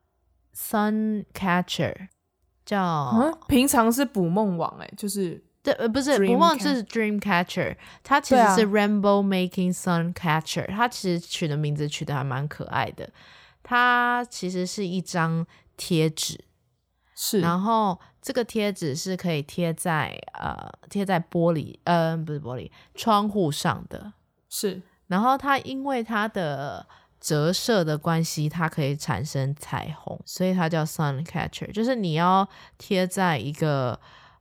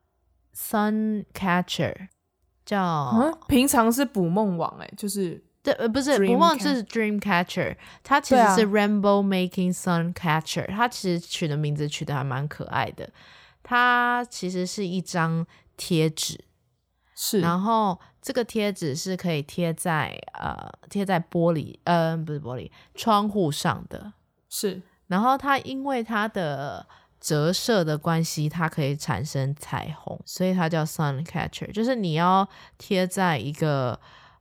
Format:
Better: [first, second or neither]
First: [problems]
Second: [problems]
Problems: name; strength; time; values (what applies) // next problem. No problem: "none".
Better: neither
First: none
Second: none